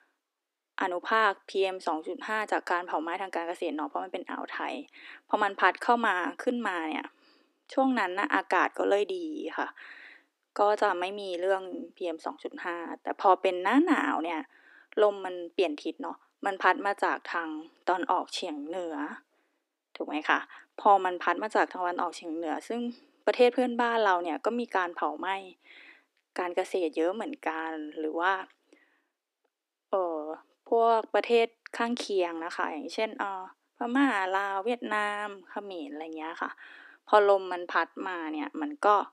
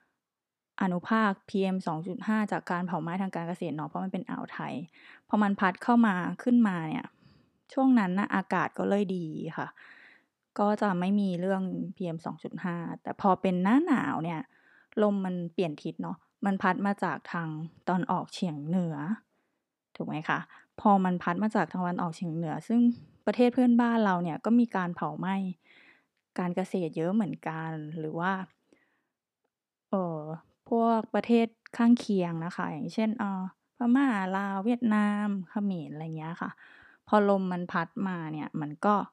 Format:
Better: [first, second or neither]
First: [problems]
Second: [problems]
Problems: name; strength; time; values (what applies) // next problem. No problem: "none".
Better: second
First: thin; somewhat; fading below 300 Hz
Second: none